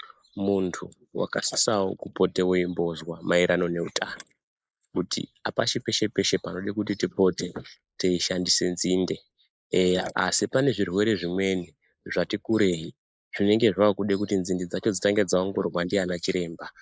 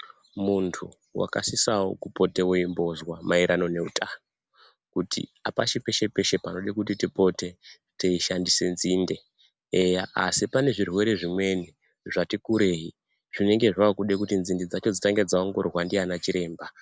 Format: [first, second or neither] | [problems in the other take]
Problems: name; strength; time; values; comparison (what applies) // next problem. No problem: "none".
second | noise reduction (neural mask model Resemble Enhance denoiser)